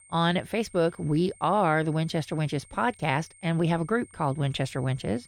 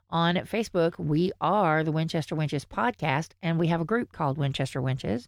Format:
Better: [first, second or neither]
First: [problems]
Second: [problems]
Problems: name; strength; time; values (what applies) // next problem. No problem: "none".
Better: second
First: high-pitched whine; faint; throughout; 8.5 kHz, 25 dB below the speech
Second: none